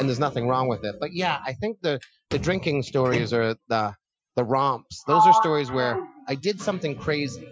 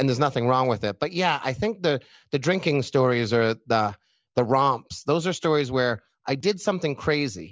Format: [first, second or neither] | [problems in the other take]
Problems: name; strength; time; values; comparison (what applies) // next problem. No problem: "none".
second | noise reduction (classical method Wiener filter)